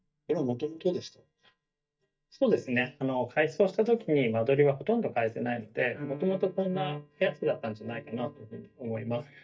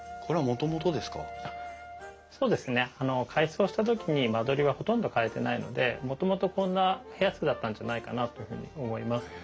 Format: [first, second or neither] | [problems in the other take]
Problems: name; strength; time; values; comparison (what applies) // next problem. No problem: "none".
second | noise reduction (neural mask model DeepFilterNet 3)